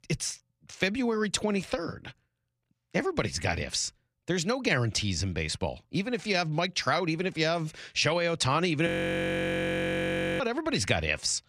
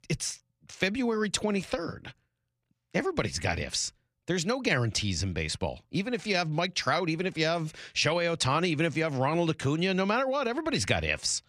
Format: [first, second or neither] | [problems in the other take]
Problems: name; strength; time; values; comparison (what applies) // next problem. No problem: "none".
second | audio freezing; at 9 s for 1.5 s